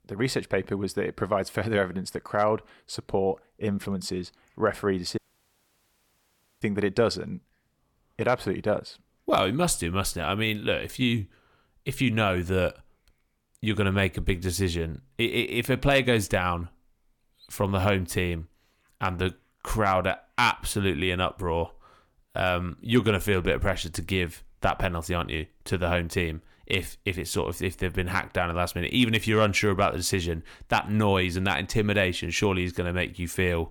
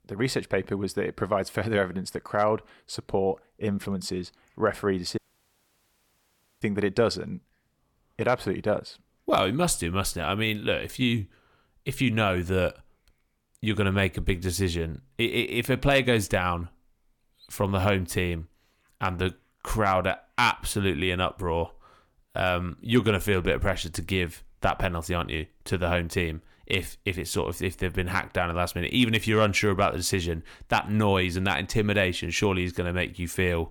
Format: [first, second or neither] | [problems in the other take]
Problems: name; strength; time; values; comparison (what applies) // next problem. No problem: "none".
neither | audio cutting out; at 5 s for 1.5 s; the same in both